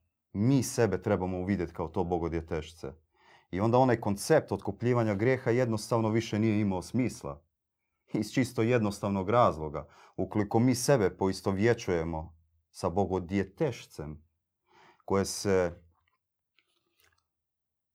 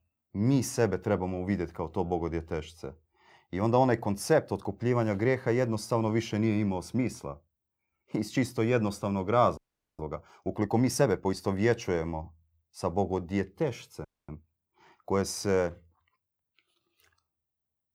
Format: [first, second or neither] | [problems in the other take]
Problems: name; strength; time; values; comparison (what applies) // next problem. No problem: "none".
first | audio freezing; at 9.5 s and at 14 s